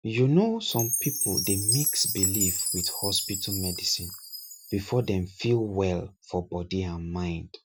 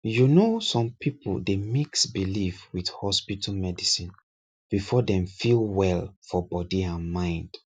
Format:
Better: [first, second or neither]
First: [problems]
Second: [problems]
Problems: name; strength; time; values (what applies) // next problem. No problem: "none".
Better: second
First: background sound (Chime); 4 dB below the speech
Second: none